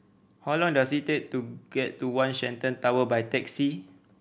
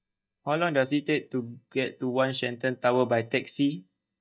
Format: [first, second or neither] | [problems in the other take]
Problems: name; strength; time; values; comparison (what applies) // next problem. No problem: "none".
first | noise reduction (neural mask model DeepFilterNet 3)